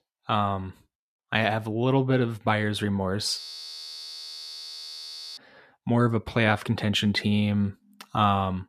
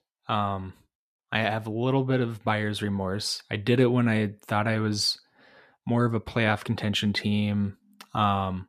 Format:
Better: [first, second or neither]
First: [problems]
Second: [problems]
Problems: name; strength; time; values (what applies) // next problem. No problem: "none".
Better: second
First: audio freezing; at 3.5 s for 2 s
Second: none